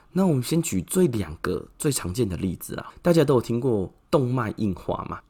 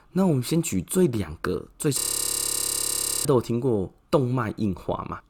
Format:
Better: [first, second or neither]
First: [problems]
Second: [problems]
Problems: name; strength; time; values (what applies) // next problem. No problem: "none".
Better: first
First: none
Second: audio freezing; at 2 s for 1.5 s